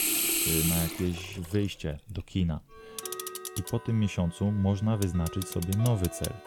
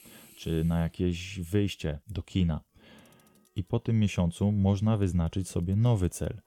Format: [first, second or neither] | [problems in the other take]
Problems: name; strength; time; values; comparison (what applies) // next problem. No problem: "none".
second | household noises; loud; throughout; 1 dB below the speech; faint in the second